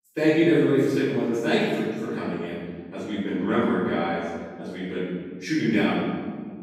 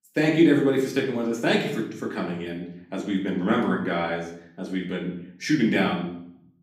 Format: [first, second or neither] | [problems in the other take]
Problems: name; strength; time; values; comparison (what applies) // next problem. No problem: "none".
second | room echo; strong; dies away in 1.6 s; slight in the second // off-mic speech; far; far in the second